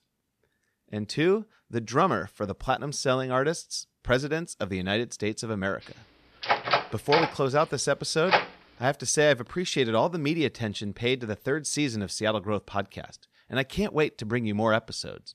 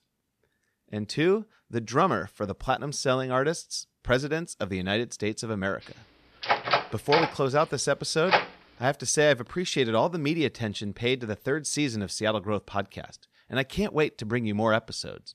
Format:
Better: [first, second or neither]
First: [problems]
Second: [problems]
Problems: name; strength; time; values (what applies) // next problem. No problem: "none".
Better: neither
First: door banging; loud; from 6.5 to 8.5 s; peak 3 dB above the speech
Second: door banging; loud; from 6.5 to 8.5 s; peak 3 dB above the speech